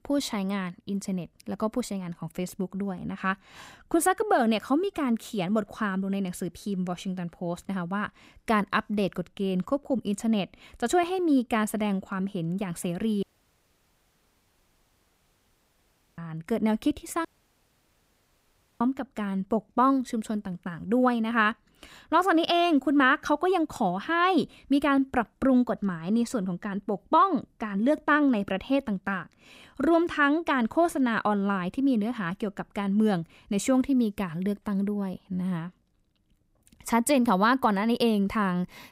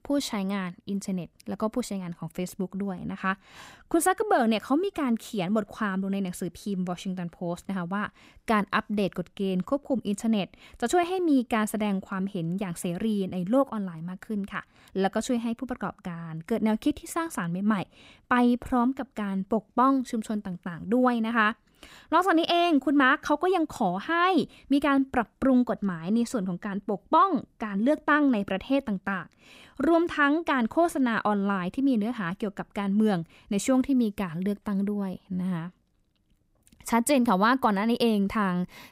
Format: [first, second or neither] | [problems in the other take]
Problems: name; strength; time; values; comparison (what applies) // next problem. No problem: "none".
second | audio cutting out; at 13 s for 3 s and at 17 s for 1.5 s